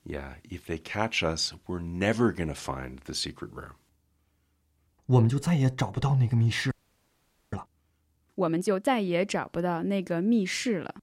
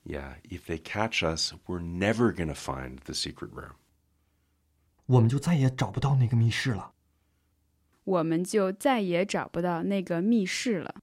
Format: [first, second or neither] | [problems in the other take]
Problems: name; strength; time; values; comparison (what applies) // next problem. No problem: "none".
second | audio freezing; at 6.5 s for 1 s